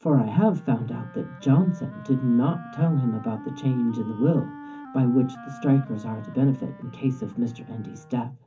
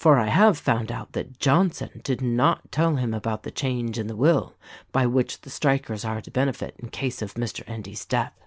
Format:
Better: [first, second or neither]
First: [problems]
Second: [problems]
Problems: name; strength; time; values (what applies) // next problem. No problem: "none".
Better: second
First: background sound (Wind instrument, woodwind instrument); 18 dB below the speech // room echo; dies away in 0.3 s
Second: none